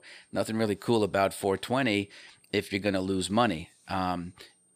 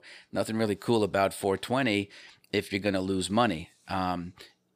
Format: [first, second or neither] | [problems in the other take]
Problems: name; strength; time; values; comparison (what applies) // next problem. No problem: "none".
second | high-pitched whine; faint; throughout; 8.5 kHz, 35 dB below the speech